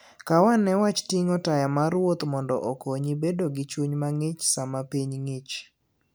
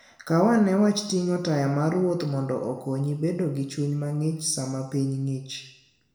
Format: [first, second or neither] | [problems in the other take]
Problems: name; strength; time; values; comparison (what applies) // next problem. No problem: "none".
first | room echo; dies away in 0.7 s